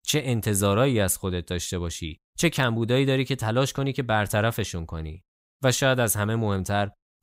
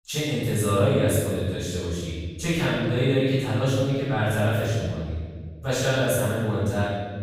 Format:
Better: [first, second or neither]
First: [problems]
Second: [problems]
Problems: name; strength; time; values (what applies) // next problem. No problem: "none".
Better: first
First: none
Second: off-mic speech; far // room echo; strong; dies away in 1.6 s